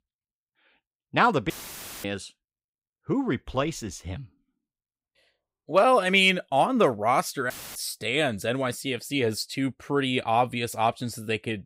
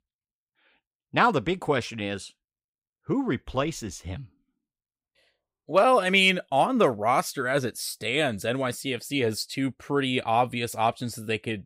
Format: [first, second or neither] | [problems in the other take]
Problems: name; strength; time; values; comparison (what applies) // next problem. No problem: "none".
second | audio cutting out; filled with static; at 1.5 s for 0.5 s and at 7.5 s